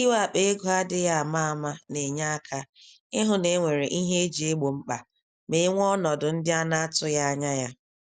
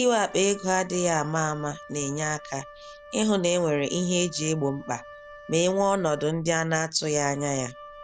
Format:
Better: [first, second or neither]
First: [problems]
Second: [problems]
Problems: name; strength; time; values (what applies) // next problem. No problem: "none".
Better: first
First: none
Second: background sound (Wind instrument, woodwind instrument); 19 dB below the speech